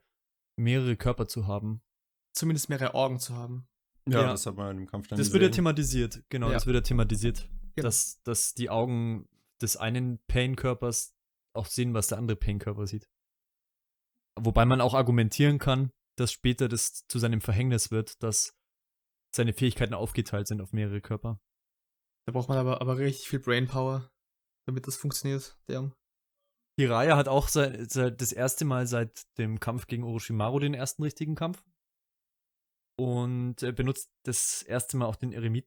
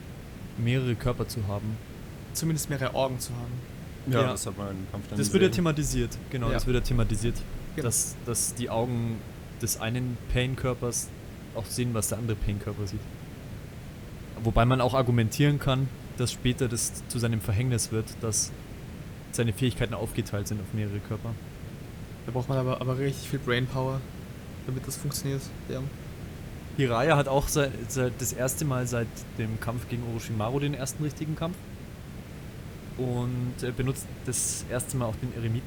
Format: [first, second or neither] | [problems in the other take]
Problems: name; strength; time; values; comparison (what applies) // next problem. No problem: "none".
first | hiss; noticeable; throughout; 15 dB below the speech